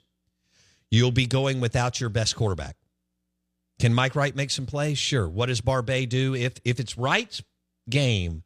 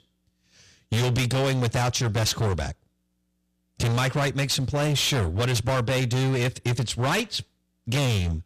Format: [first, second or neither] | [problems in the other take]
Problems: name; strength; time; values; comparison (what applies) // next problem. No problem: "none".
first | distortion; heavy; 25% of the sound clipped